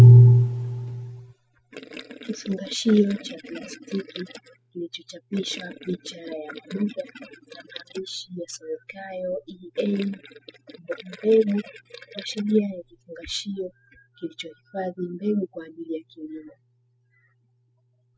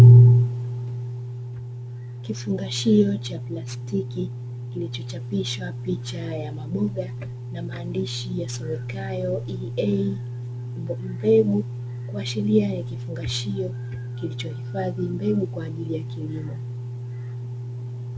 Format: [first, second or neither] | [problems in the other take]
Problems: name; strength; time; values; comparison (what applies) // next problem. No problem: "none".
second | noise reduction (classical method spectral subtraction)